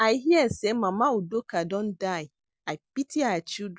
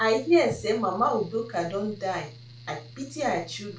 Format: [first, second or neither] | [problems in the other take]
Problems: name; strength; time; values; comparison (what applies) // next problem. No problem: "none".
first | background sound (Mechanical fan); 19 dB below the speech // room echo; dies away in 0.3 s